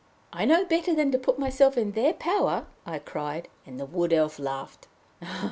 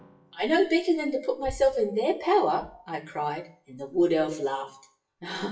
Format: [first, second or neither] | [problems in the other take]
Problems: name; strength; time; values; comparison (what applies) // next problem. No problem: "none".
first | noise reduction (classical method WPE with log-MMSE)